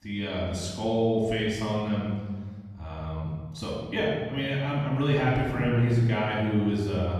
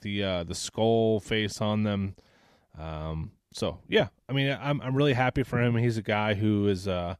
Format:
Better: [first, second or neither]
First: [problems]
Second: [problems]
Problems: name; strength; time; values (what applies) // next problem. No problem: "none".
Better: second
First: room echo; noticeable; dies away in 1.4 s // off-mic speech; far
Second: none